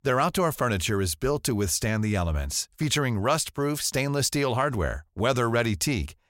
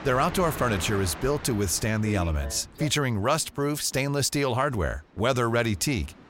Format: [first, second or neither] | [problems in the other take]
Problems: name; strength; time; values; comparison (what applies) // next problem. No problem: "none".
first | train or aircraft noise; noticeable; throughout; 10 dB below the speech